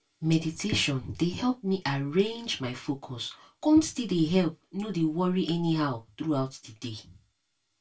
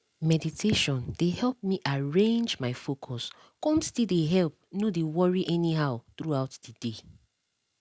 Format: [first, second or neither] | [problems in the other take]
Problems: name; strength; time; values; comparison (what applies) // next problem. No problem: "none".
second | room echo; dies away in 0.2 s